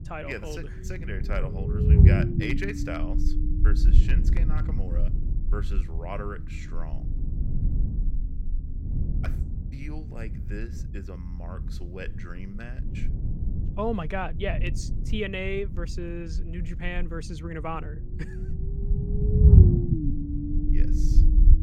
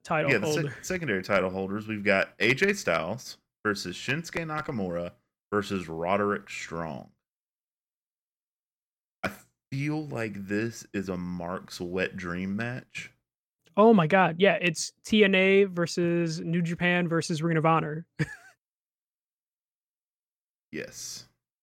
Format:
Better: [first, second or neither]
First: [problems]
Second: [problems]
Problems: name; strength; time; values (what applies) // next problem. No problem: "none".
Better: second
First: low rumble; loud; throughout; 2 dB below the speech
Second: none